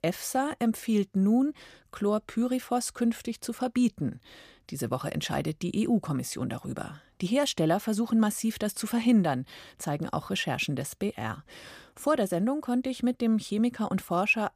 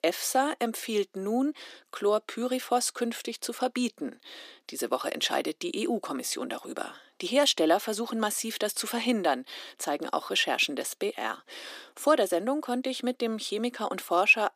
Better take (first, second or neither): first